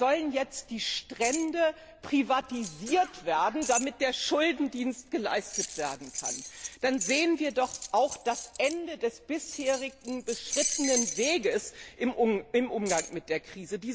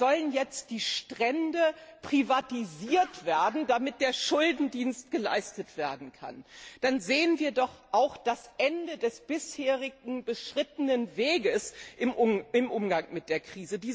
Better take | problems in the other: second | background sound (Keys jangling); 10 dB below the speech

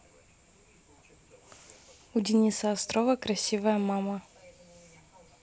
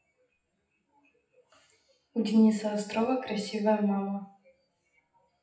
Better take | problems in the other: first | noise reduction (classical method WPE with log-MMSE)

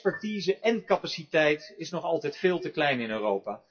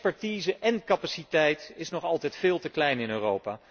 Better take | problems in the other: second | noise reduction (classical method WPE with log-MMSE)

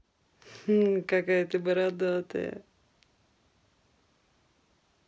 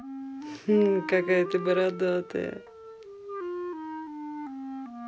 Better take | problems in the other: first | background sound (Wind instrument, woodwind instrument); 8 dB below the speech

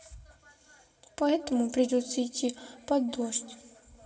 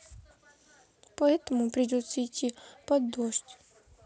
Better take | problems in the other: second | room echo; dies away in 1.6 s

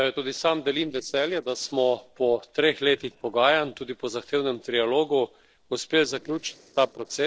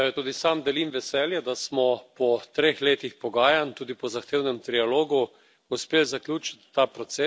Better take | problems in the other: second | noise reduction (neural separator model SepFormer DNS4)

